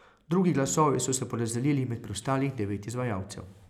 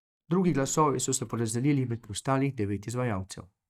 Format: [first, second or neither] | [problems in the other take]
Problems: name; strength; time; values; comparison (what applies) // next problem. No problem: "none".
first | noise reduction (neural mask model DeepFilterNet 3)